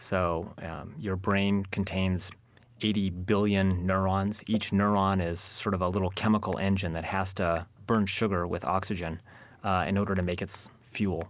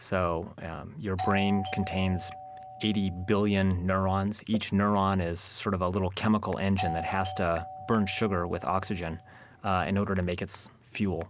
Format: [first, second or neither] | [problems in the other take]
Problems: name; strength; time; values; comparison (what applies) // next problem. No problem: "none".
first | background sound (Doorbell); 11 dB below the speech